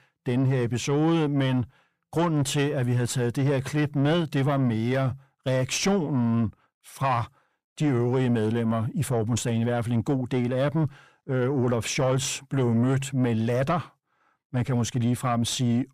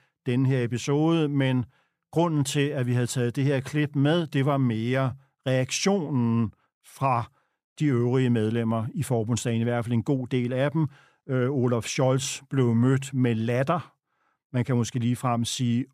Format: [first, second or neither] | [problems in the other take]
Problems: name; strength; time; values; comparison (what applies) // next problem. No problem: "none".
second | distortion; slight; 9 dB below the speech